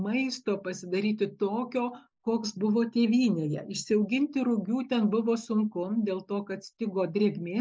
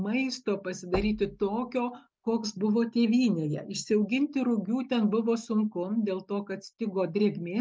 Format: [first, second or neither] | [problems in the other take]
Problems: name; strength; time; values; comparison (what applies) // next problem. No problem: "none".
first | noise reduction (neural mask model RNNoise)